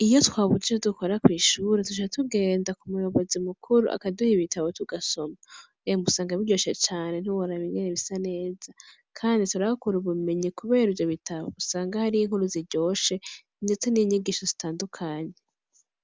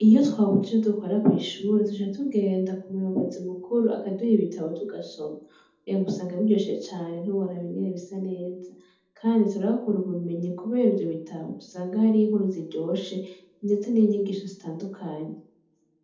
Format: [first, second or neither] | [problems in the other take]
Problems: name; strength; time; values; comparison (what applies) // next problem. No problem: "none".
first | room echo; dies away in 0.6 s